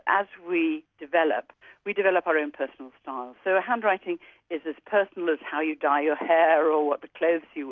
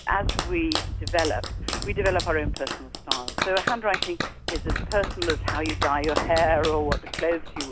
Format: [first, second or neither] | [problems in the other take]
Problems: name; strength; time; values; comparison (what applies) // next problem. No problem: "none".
first | background sound (Wind + Clapping); 2 dB below the speech